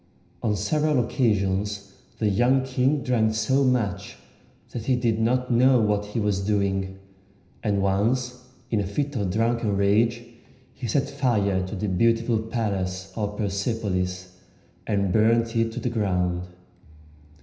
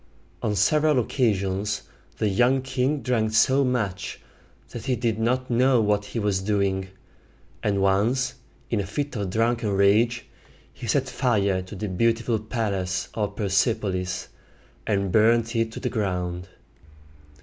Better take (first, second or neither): second